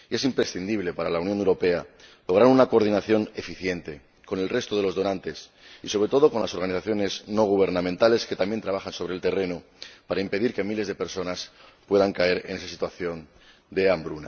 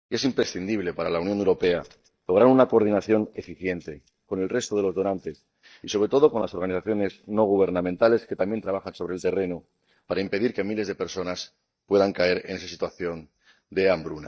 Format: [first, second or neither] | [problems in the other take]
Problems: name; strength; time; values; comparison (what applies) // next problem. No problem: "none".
first | noise reduction (neural mask model DeepFilterNet 3)